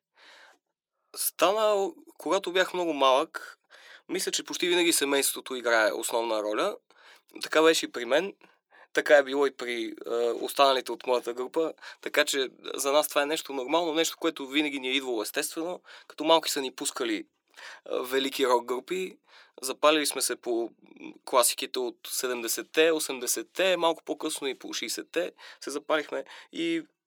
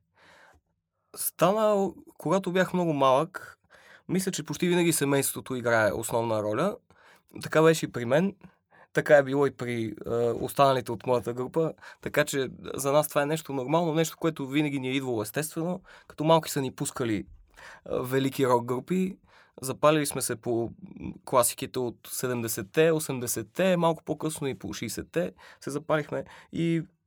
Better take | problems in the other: second | thin; somewhat; fading below 300 Hz

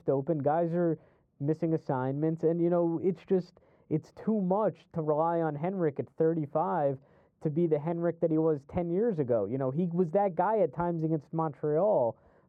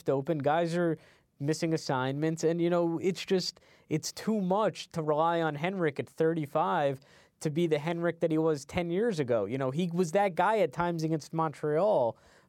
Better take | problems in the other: second | muffled; very; fading above 2 kHz

